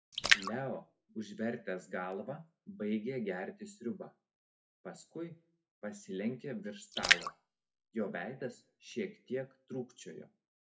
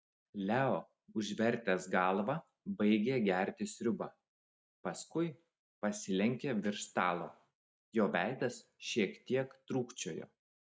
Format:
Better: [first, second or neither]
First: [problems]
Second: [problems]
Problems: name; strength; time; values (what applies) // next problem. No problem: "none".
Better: second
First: noise reduction (classical method WPE with log-MMSE)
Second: none